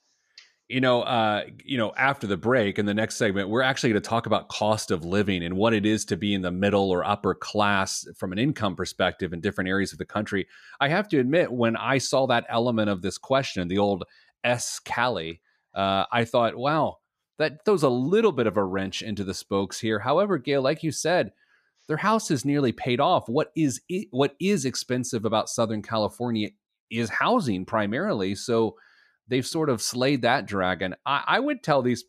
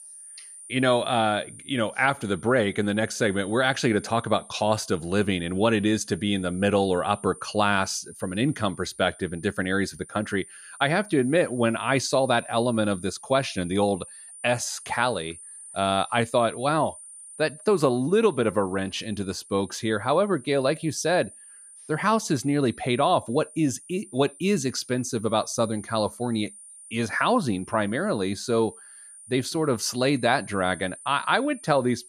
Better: first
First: none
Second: high-pitched whine; noticeable; throughout; 9 kHz, 20 dB below the speech

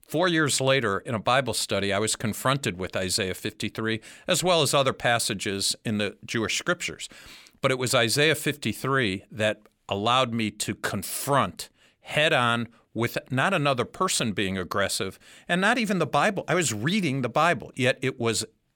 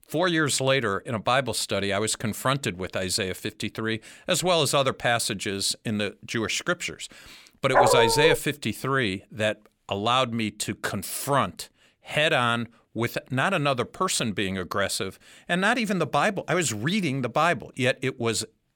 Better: first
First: none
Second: dog barking; loud; at 7.5 s; peak 5 dB above the speech

